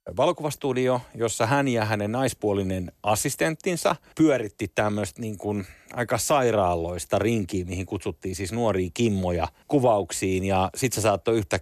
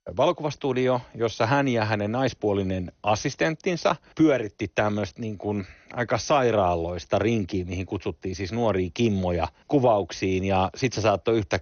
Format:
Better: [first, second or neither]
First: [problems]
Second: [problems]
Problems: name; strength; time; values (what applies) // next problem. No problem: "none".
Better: first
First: none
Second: garbled, watery; slightly; nothing above 6.5 kHz